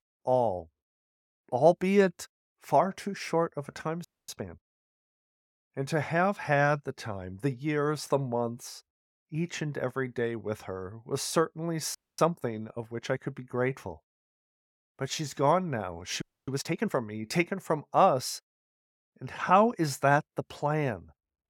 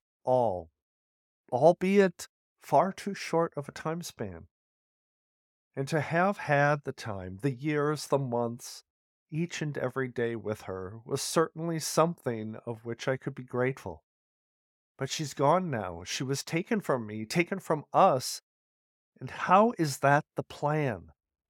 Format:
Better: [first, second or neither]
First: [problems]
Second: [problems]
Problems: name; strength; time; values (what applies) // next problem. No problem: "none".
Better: second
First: audio freezing; at 4 s, at 12 s and at 16 s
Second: none